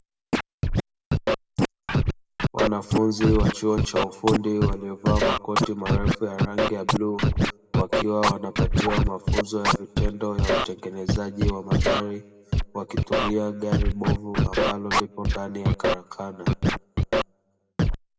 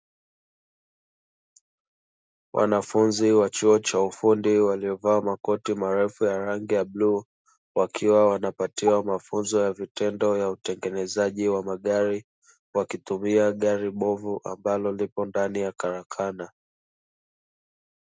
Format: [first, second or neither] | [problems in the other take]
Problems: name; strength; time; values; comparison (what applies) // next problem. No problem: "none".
second | background sound (Scratching (performance technique)); 5 dB above the speech // room echo; dies away in 1.6 s